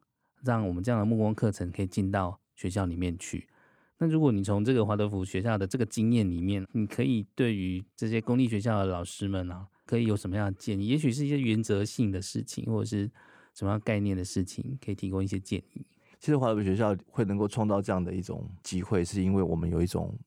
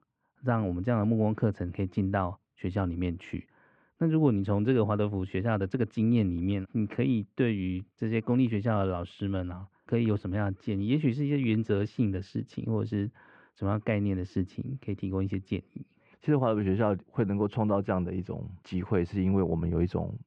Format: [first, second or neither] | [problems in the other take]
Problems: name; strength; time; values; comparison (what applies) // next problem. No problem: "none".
first | muffled; very; fading above 3 kHz